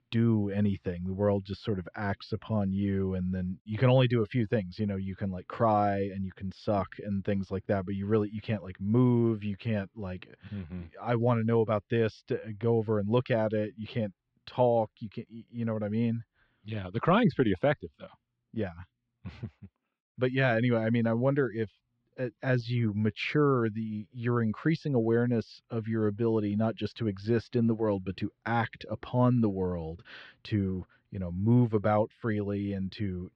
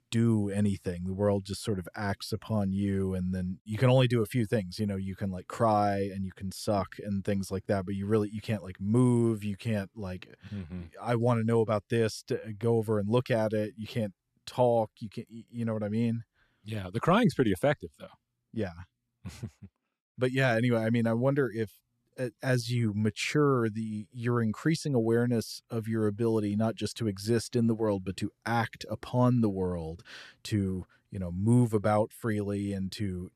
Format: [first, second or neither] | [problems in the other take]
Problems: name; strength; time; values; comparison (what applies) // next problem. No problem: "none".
second | muffled; slightly; fading above 3.5 kHz